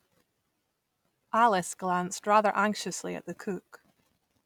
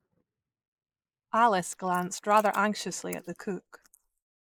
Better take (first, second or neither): first